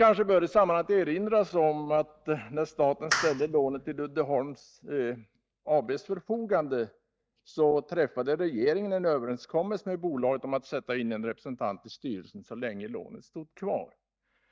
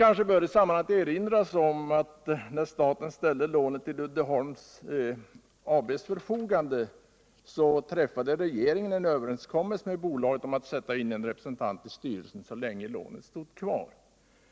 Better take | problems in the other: second | noise reduction (neural mask model DeepFilterNet 3)

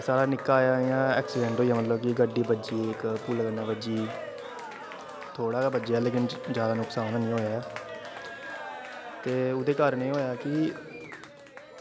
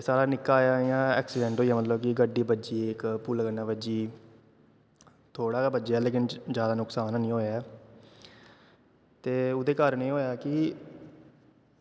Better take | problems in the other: second | background sound (Cheering); 11 dB below the speech

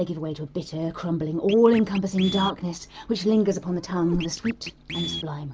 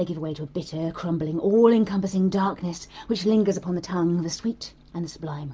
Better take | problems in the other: second | background sound (Scratching (performance technique) + Meow); 13 dB below the speech

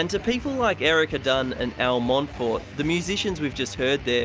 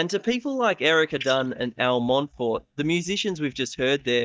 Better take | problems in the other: first | noise reduction (neural mask model DeepFilterNet 3)

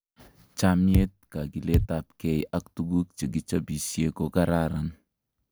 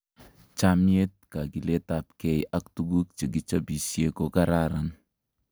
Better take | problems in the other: second | background sound (Bass drum); 1 dB above the speech

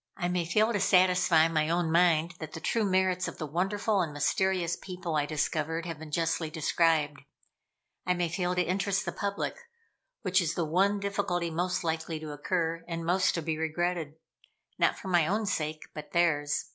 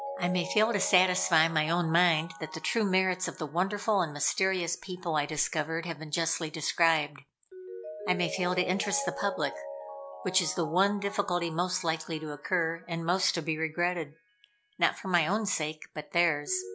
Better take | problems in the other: first | background sound (Mallet percussion); 14 dB below the speech

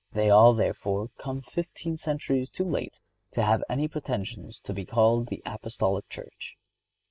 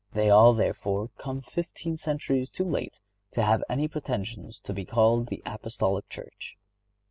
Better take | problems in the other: second | noise reduction (neural mask model Resemble Enhance denoiser)

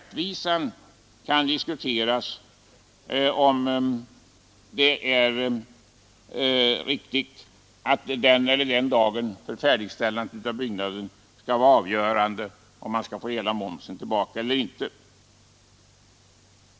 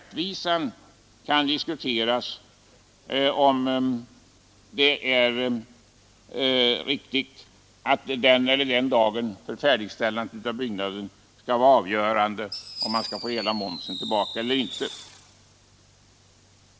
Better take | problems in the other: first | background sound (Fireworks); 11 dB below the speech

